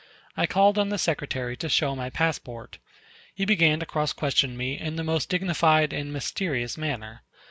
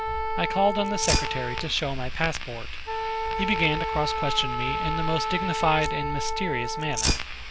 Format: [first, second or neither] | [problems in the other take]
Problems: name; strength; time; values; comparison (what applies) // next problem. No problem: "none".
first | background sound (Wind instrument, woodwind instrument + Fire); 1 dB above the speech